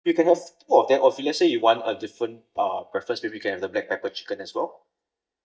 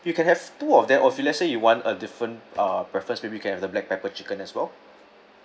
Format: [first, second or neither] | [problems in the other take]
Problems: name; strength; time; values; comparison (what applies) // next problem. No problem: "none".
second | noise reduction (neural mask model DeepFilterNet 3)